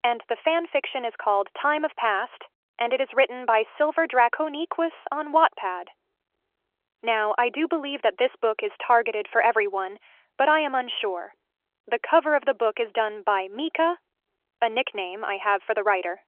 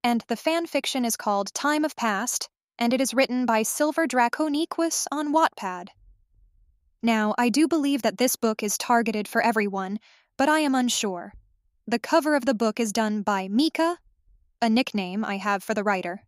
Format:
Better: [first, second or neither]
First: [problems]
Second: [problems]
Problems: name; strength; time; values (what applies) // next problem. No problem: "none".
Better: second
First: phone-call audio; nothing above 3.5 kHz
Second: none